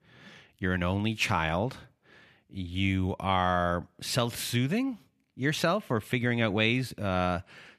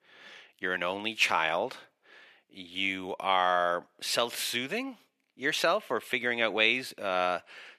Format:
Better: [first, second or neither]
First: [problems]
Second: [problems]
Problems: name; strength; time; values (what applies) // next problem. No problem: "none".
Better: first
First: none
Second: thin; somewhat; fading below 450 Hz